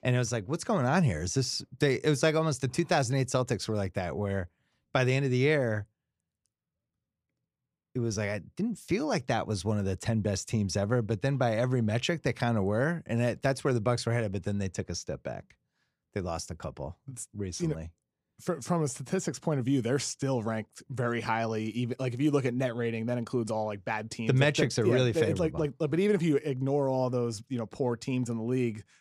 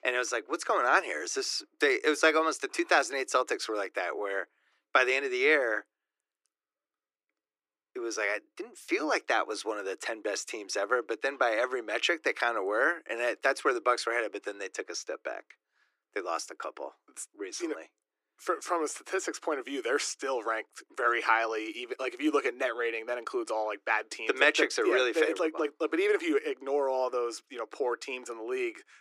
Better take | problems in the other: first | thin; very; fading below 300 Hz

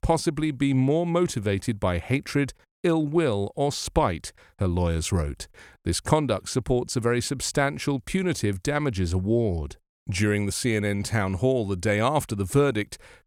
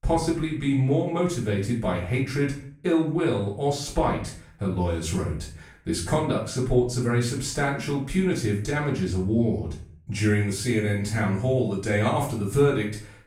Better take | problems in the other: first | room echo; noticeable; dies away in 0.4 s // off-mic speech; far

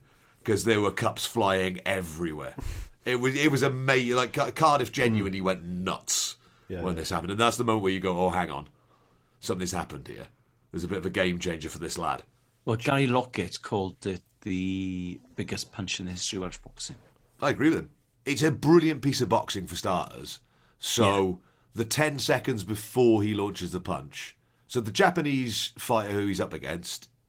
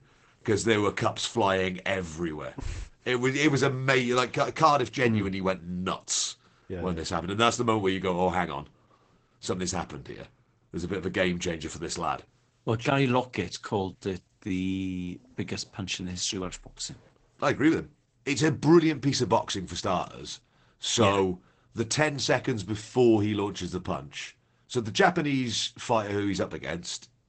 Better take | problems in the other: first | garbled, watery; badly; nothing above 8 kHz; slightly in the first

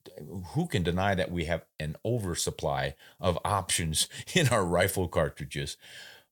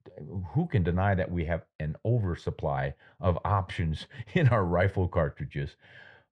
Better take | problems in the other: first | muffled; very; fading above 1.5 kHz

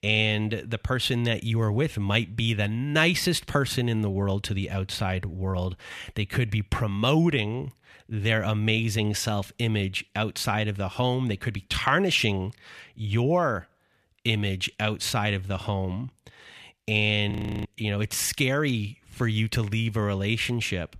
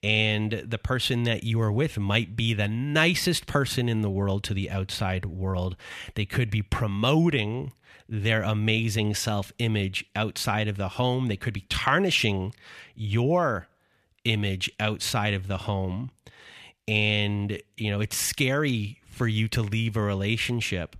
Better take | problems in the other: second | audio freezing; at 17 s

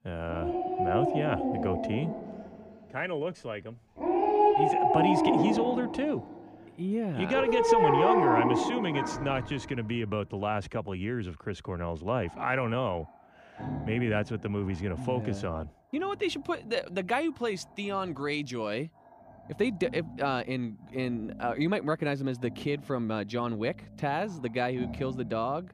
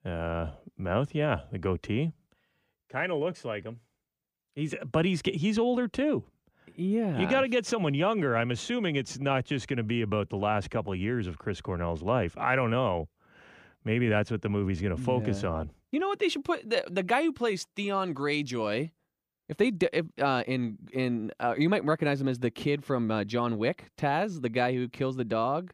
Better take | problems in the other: second | animal sounds; very loud; throughout; 4 dB above the speech

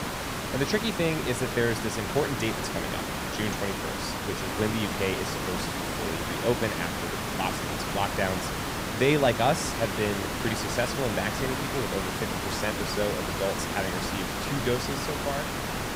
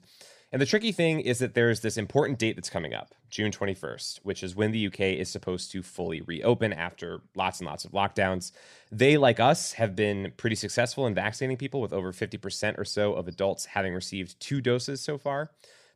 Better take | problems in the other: second | hiss; loud; throughout; 1 dB below the speech

